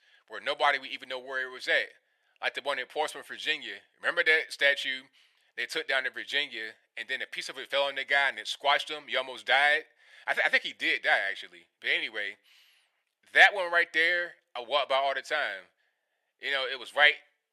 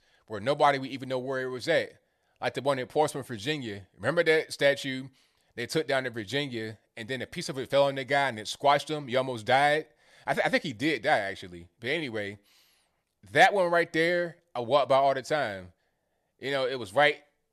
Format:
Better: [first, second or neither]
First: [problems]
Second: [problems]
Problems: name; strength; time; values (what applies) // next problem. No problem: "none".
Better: second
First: thin; very; fading below 500 Hz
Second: none